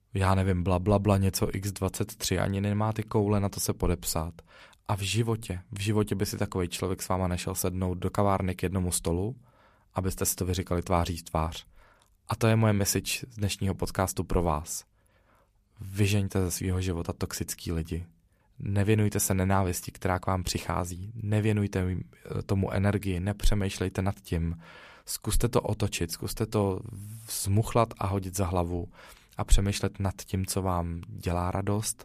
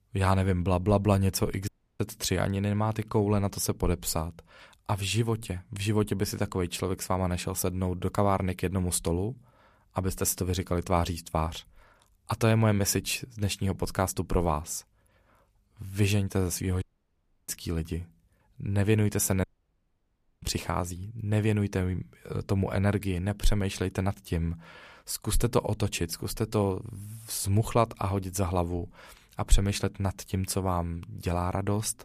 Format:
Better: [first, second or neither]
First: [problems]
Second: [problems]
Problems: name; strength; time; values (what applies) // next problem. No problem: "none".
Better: first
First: none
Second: audio cutting out; at 1.5 s, at 17 s for 0.5 s and at 19 s for 1 s